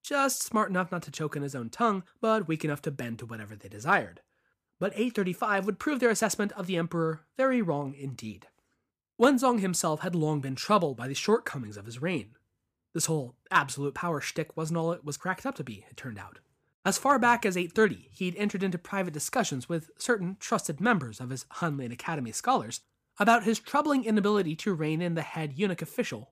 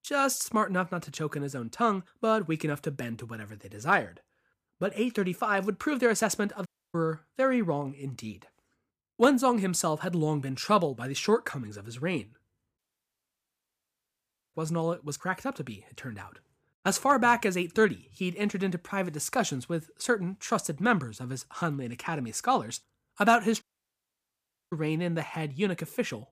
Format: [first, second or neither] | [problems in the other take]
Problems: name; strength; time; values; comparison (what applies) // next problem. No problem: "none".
first | audio cutting out; at 6.5 s, at 13 s for 2 s and at 24 s for 1 s